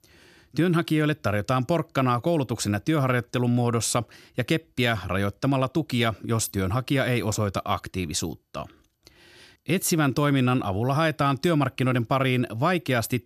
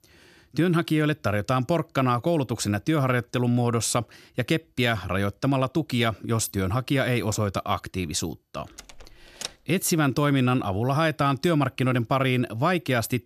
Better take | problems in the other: first | door banging; faint; at 9 s; peak 10 dB below the speech

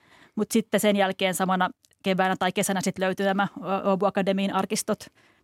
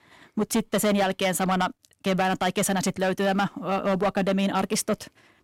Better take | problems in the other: first | distortion; slight; 9% of the sound clipped

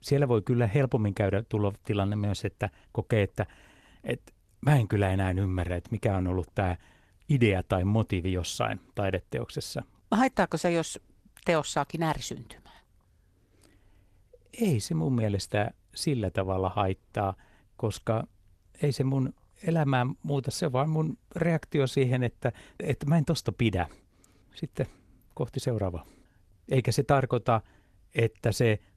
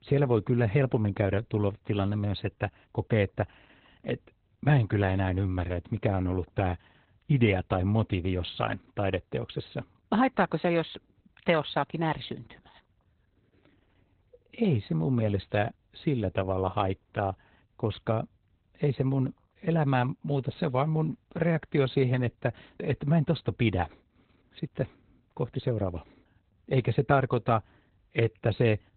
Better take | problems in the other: first | garbled, watery; badly; nothing above 4 kHz; slightly in the first

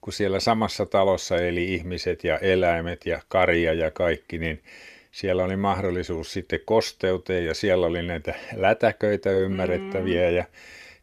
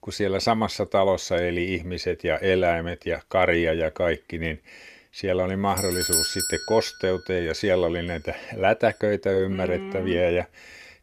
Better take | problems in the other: first | doorbell; loud; at 6 s; peak 3 dB above the speech

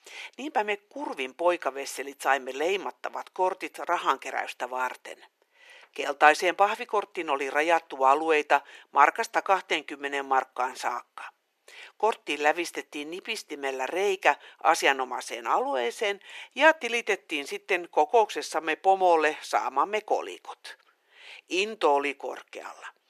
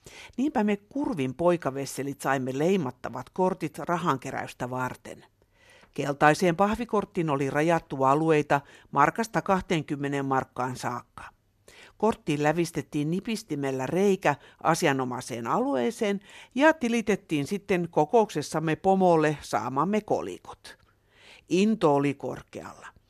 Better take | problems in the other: second | thin; very; fading below 350 Hz

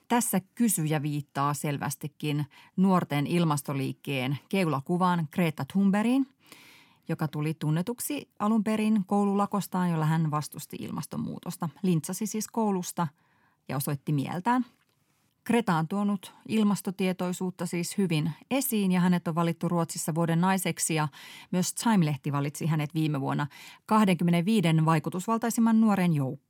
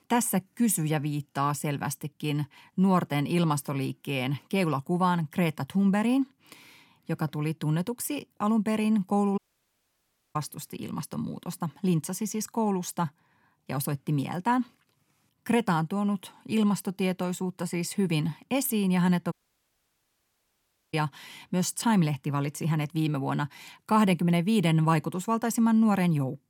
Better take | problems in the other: first | audio cutting out; at 9.5 s for 1 s and at 19 s for 1.5 s

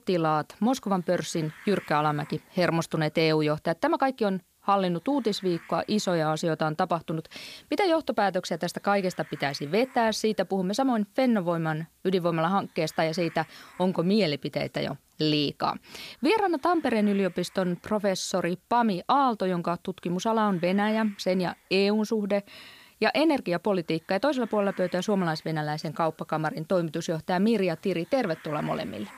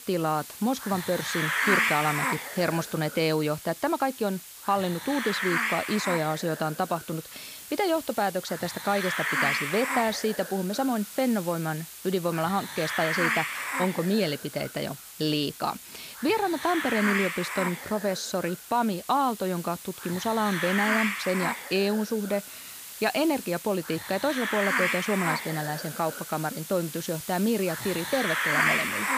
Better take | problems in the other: first | hiss; loud; throughout; 2 dB below the speech; faint in the first

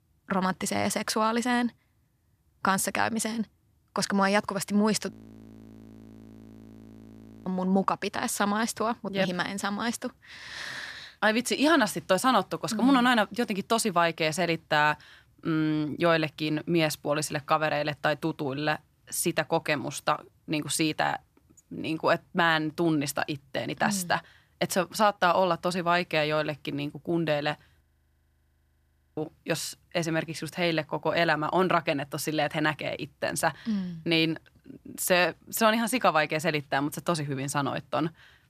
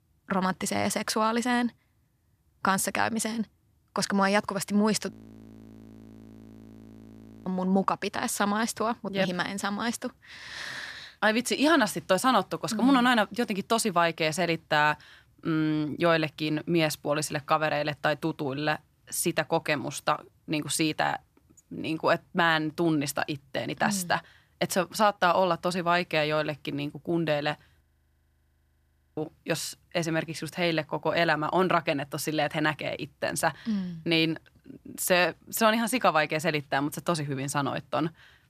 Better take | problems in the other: neither | audio freezing; at 5 s for 2.5 s and at 28 s for 1.5 s; the same in both

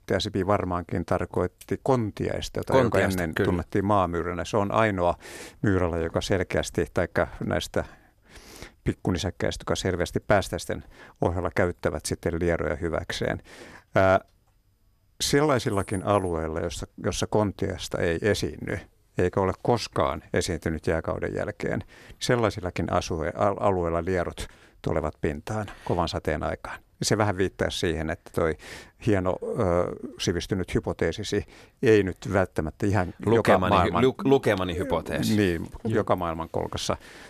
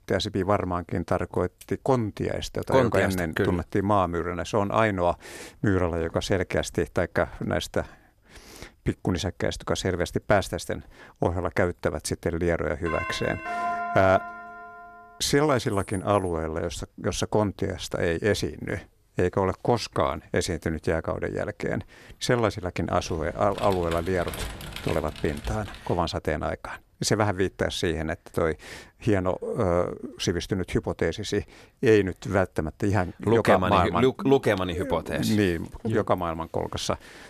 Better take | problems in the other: first | doorbell; noticeable; from 13 to 15 s; peak 2 dB below the speech // keyboard typing; noticeable; from 23 to 26 s; peak 10 dB below the speech

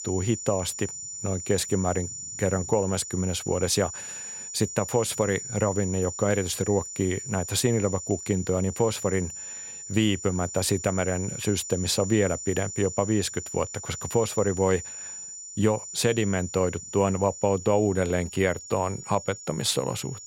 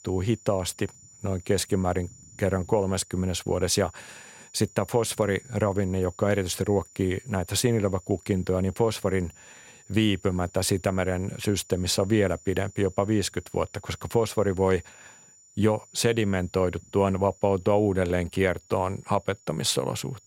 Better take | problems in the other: second | high-pitched whine; loud; throughout; 7 kHz, 9 dB below the speech; faint in the second

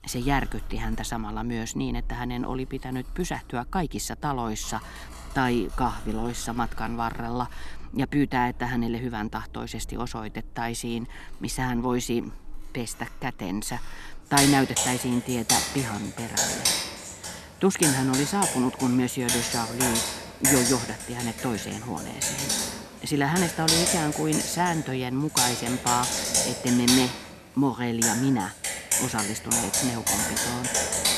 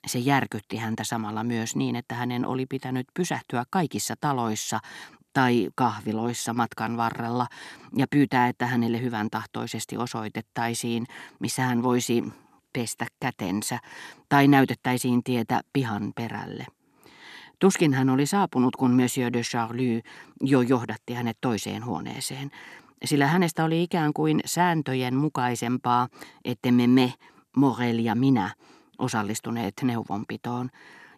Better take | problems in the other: second | household noises; very loud; throughout; 2 dB above the speech

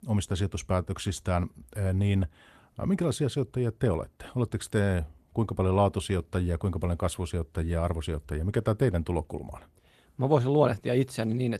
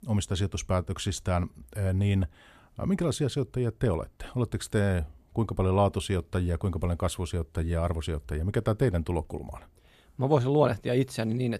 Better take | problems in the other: second | garbled, watery; slightly; nothing above 13.5 kHz

